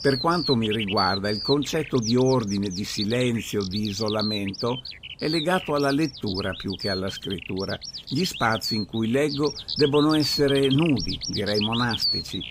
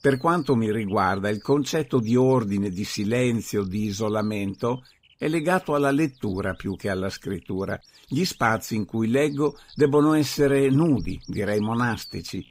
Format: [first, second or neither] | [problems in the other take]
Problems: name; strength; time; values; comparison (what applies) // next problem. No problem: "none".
second | animal sounds; loud; throughout; 5 dB below the speech; faint in the second